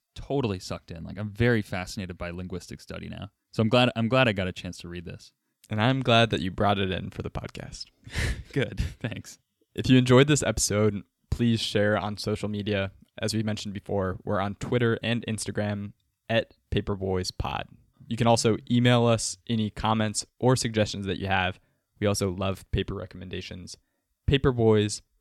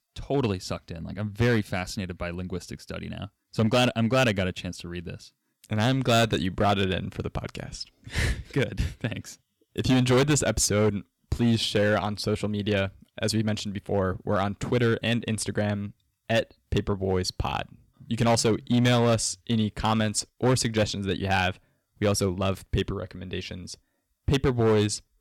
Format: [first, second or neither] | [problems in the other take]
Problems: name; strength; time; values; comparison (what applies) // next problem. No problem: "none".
first | distortion; slight; 5% of the sound clipped